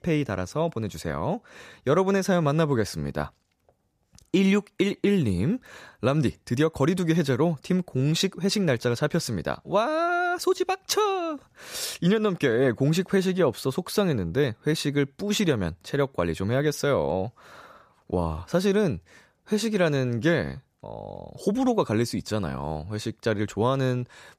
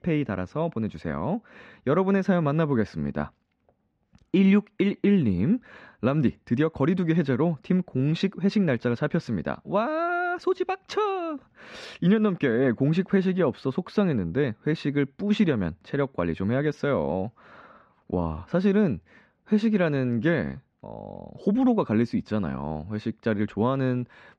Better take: first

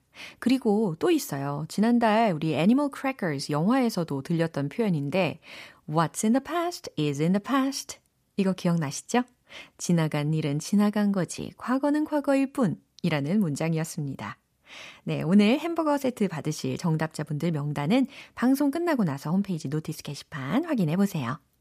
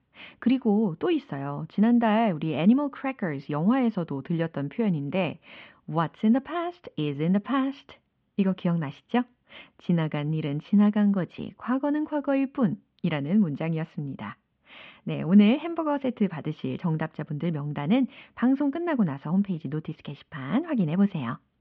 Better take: first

